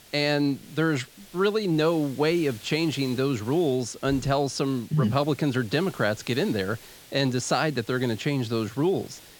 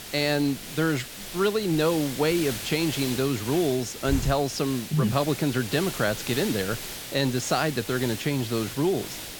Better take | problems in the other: first | hiss; loud; throughout; 8 dB below the speech; faint in the first

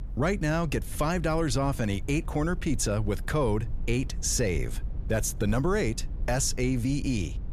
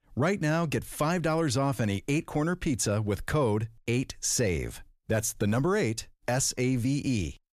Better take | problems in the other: second | low rumble; faint; throughout; 25 dB below the speech

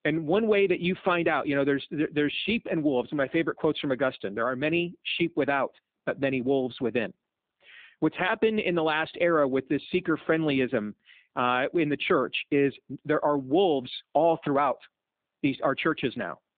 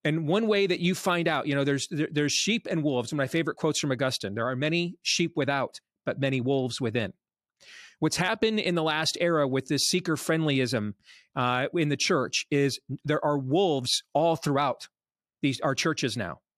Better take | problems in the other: second | phone-call audio; nothing above 3.5 kHz

